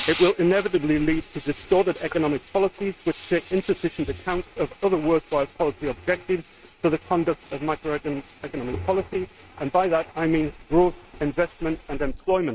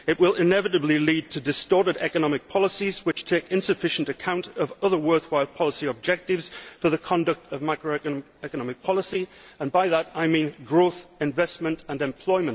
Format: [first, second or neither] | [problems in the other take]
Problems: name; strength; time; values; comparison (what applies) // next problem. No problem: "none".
second | noise reduction (neural mask model RNNoise)